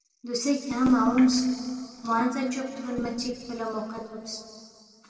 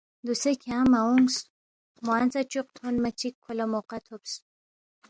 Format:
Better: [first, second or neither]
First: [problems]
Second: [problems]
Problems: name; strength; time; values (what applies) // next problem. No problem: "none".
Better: second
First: room echo; dies away in 2.3 s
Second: none